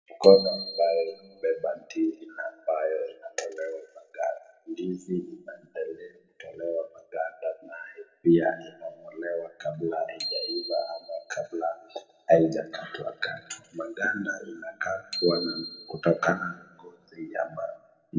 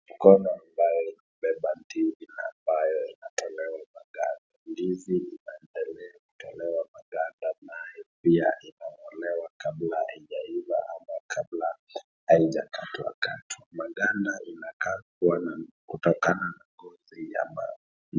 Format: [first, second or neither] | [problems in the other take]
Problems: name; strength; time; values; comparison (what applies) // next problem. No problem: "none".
second | background sound (Bicycle bell); 12 dB below the speech // room echo; dies away in 1.3 s